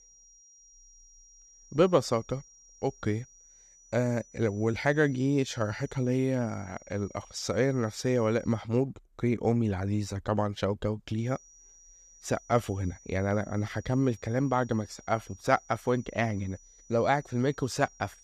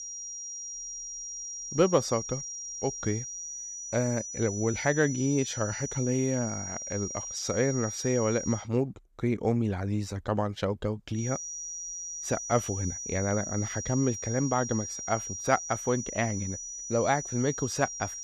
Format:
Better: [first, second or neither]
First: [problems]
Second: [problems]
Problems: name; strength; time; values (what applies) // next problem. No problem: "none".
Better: first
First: high-pitched whine; faint; until 8.5 s and from 11 s on; 5.5 kHz, 25 dB below the speech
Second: high-pitched whine; loud; until 8.5 s and from 11 s on; 5.5 kHz, 6 dB below the speech